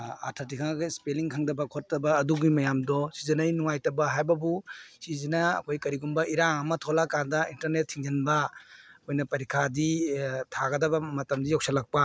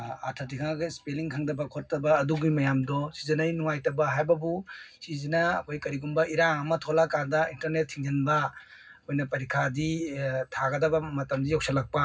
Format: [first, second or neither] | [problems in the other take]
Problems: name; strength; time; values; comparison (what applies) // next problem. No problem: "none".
first | room echo; dies away in 0.4 s